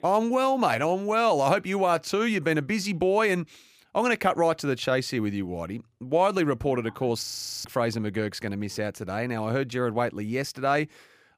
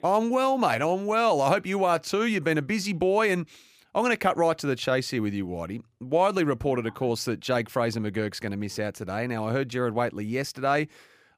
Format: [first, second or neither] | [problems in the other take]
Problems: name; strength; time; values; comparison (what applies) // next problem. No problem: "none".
second | audio freezing; at 7 s